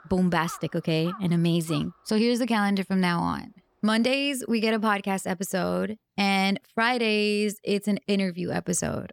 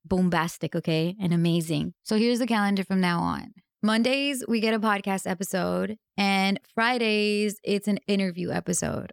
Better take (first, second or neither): second